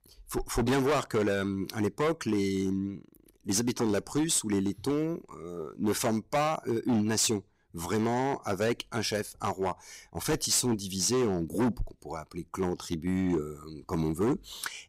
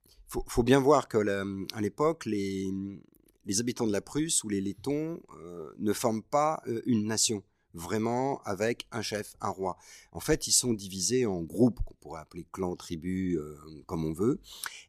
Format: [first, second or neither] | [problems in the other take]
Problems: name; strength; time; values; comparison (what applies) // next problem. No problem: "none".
second | distortion; heavy; 10% of the sound clipped